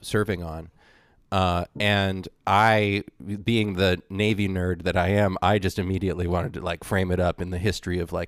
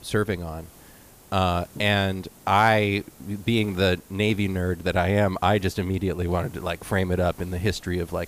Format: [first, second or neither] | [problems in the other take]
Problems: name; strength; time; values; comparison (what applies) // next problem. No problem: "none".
first | hiss; faint; throughout; 25 dB below the speech